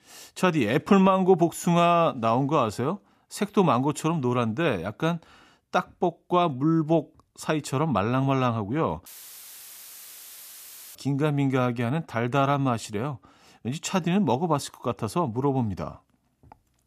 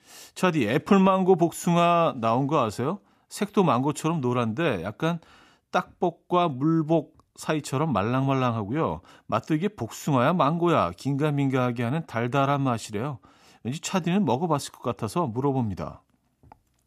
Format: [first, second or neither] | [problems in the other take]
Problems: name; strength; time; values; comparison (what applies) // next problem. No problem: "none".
second | audio cutting out; filled with static; at 9 s for 2 s